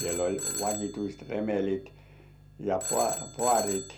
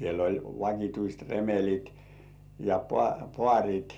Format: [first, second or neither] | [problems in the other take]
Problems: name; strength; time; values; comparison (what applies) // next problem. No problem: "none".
second | background sound (Telephone); 7 dB below the speech